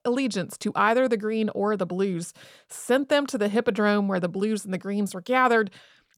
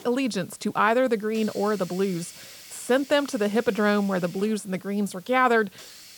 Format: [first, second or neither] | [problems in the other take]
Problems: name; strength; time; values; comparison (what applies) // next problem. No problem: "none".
first | hiss; noticeable; throughout; 20 dB below the speech